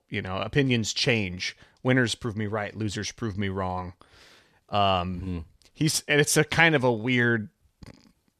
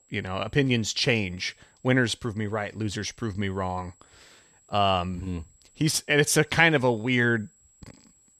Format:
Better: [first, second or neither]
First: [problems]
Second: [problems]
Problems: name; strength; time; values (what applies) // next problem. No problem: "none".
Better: first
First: none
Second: high-pitched whine; faint; throughout; 7.5 kHz, 35 dB below the speech